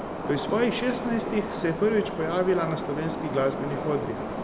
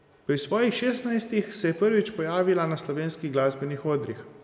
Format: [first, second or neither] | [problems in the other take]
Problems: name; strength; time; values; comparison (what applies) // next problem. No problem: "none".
second | background sound (Subway, metro, underground); 5 dB below the speech